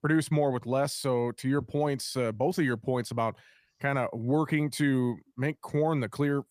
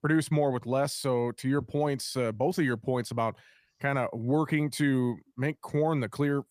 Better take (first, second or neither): neither